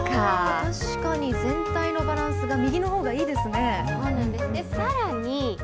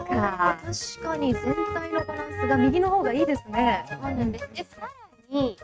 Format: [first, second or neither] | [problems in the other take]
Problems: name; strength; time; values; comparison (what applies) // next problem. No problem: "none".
first | noise reduction (neural mask model RNNoise)